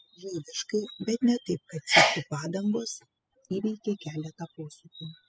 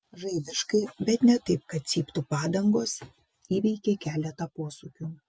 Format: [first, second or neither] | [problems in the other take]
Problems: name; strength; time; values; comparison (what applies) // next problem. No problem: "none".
second | noise reduction (classical method spectral subtraction)